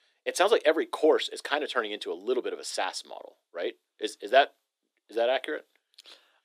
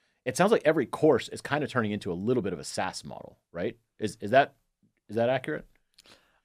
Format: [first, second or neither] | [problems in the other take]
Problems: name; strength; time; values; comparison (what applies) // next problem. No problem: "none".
second | thin; somewhat; fading below 300 Hz